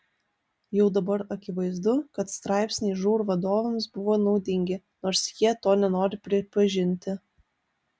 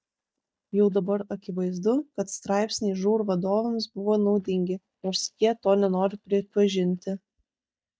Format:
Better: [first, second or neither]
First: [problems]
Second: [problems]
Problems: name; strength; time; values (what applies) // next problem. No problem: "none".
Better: first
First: none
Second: noise reduction (neural mask model DeepFilterNet 3)